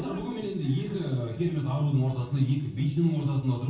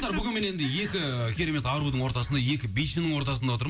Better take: second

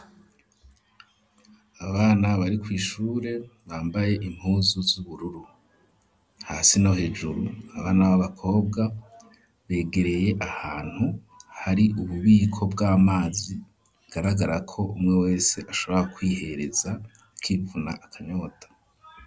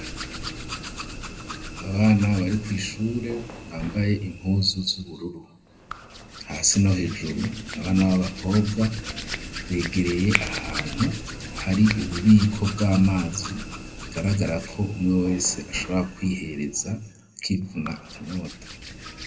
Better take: first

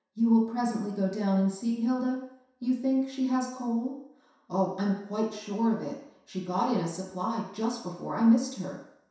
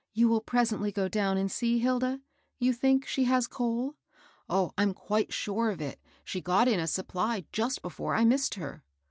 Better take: second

